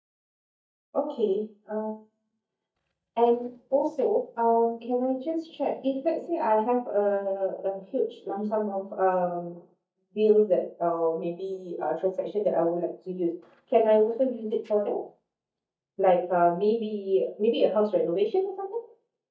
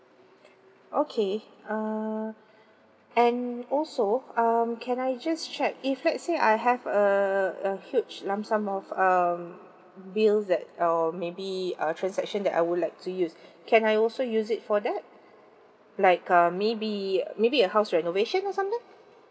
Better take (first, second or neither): second